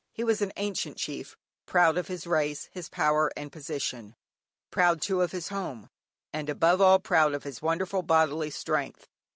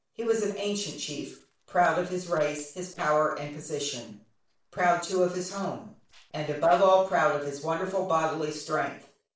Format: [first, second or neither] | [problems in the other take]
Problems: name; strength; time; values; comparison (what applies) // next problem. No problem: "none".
first | noise reduction (neural separator model SepFormer DNS4)